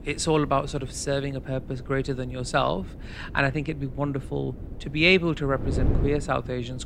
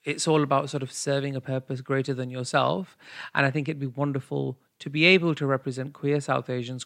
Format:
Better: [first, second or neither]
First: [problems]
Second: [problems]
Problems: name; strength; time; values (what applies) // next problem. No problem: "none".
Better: second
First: wind noise on the microphone; occasional gusts; 15 dB below the speech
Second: none